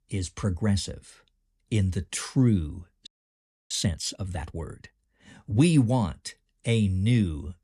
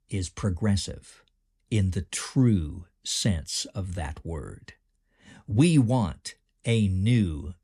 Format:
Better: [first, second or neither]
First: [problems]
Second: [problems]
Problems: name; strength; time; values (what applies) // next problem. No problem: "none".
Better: second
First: audio freezing; at 3 s for 0.5 s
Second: none